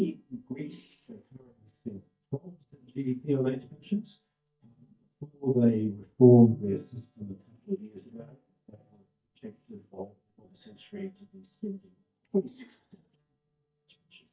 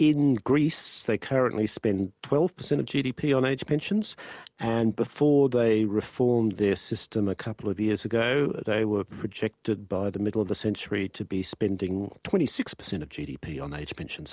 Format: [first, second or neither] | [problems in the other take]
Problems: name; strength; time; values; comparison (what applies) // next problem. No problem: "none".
second | noise reduction (neural mask model DeepFilterNet 3)